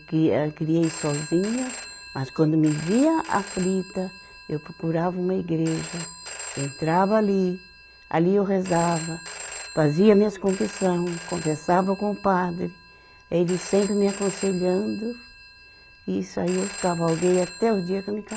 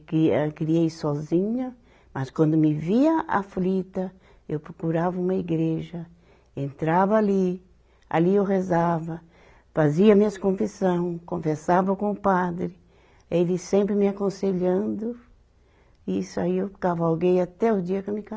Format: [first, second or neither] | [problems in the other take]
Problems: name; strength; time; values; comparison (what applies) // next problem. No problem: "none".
second | background sound (Telephone); 14 dB below the speech